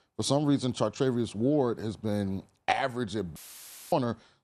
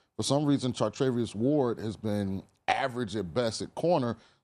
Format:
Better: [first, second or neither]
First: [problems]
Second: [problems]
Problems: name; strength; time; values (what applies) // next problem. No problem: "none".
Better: second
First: audio cutting out; filled with static; at 3.5 s for 0.5 s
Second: none